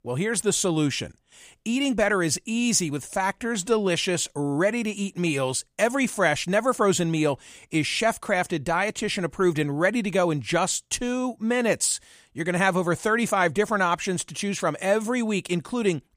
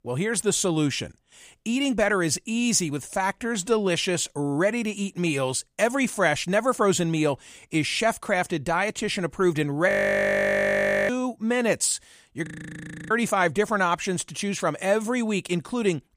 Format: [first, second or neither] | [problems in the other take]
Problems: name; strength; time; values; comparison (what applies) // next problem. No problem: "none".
first | audio freezing; at 10 s for 1 s and at 12 s for 0.5 s